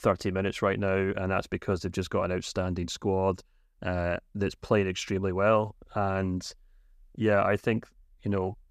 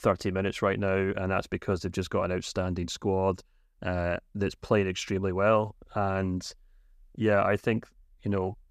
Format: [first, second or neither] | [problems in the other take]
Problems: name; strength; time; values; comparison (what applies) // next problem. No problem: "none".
neither | none